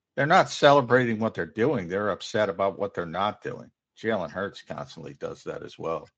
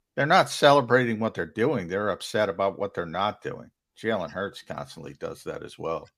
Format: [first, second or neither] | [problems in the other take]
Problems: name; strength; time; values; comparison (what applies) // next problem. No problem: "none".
second | garbled, watery; slightly; nothing above 7.5 kHz